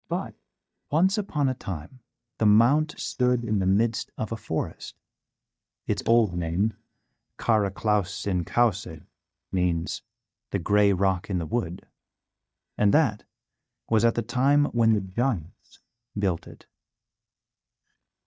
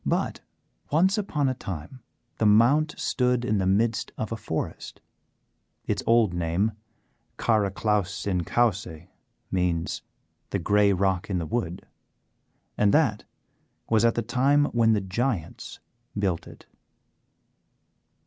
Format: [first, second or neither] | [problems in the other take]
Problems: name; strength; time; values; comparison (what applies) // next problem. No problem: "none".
second | noise reduction (neural mask model DeepFilterNet 3)